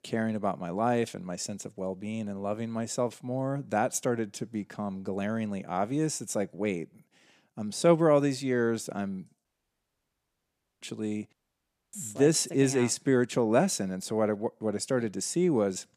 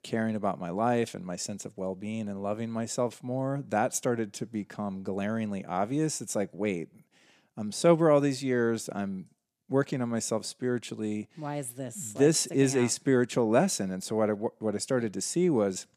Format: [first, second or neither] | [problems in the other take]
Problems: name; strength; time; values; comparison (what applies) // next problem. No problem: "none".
second | audio cutting out; at 9.5 s for 1.5 s and at 11 s for 0.5 s